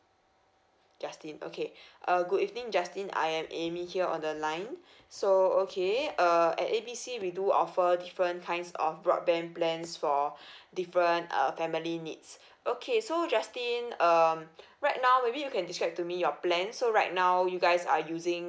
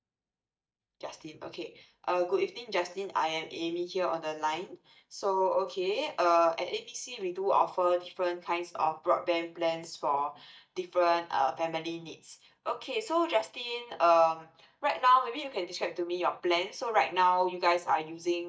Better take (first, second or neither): first